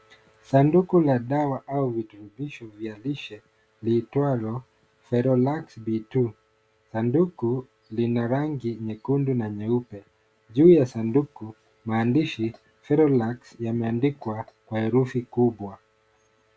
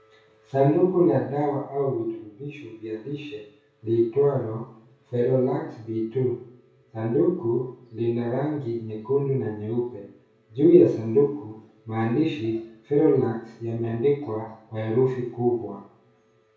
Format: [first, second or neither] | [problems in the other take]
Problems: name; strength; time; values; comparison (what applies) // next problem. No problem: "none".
first | room echo; dies away in 0.6 s